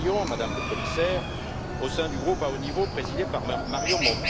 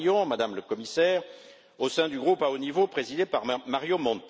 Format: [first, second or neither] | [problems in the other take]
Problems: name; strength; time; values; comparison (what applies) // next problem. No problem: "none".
second | background sound (Chicken, rooster); as loud as the speech